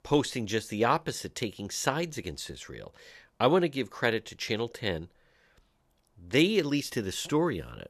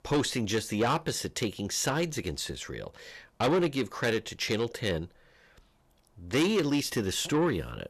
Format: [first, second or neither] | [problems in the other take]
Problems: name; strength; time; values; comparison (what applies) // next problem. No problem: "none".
first | distortion; heavy; 8 dB below the speech